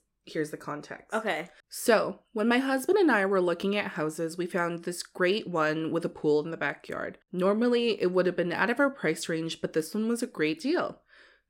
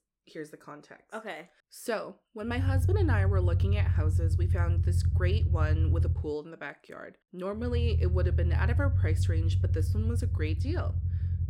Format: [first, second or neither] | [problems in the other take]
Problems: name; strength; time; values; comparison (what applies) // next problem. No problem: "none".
first | low rumble; loud; from 2.5 to 6 s and from 7.5 s on; 6 dB below the speech